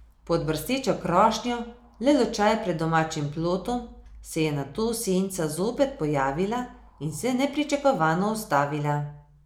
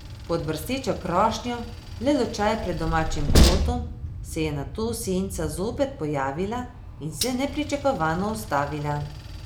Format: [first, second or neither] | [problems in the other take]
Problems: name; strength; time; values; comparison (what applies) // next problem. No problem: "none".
first | background sound (Train); 1 dB below the speech